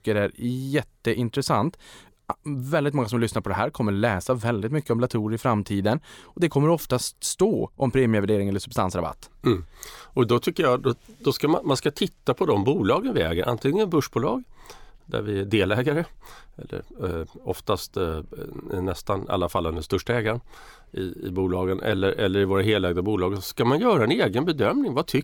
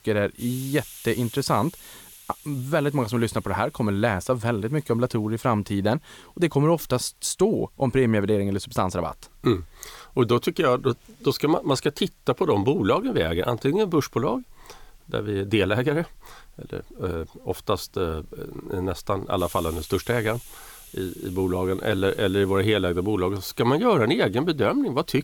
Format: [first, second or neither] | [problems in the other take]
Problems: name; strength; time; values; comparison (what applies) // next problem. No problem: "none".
first | hiss; faint; throughout; 20 dB below the speech